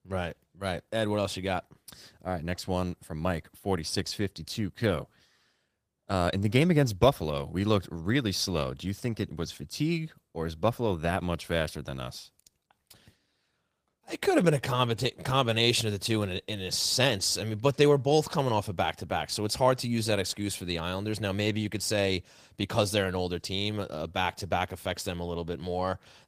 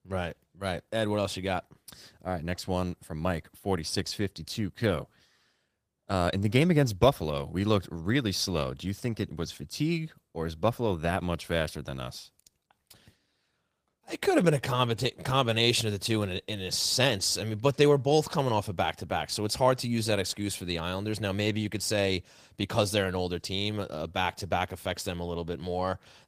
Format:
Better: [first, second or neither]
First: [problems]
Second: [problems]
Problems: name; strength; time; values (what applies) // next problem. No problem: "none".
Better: neither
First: garbled, watery; slightly; nothing above 15 kHz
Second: garbled, watery; slightly; nothing above 15 kHz